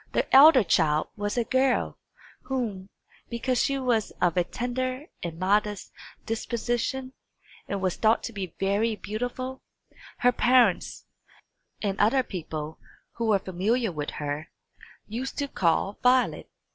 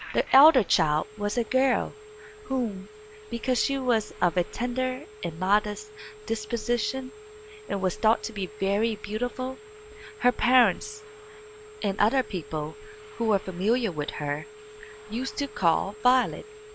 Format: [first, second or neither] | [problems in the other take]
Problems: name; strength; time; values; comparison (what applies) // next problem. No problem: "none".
first | background sound (Telephone); 19 dB below the speech